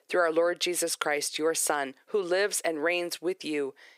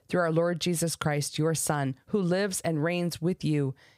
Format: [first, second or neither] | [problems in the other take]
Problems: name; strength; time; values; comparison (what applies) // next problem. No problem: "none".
second | thin; very; fading below 350 Hz